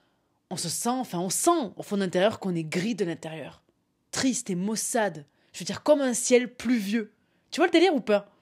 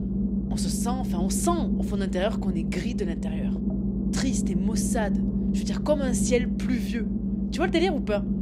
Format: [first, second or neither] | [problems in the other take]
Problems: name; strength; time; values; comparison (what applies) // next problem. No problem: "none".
first | low rumble; loud; throughout; 5 dB below the speech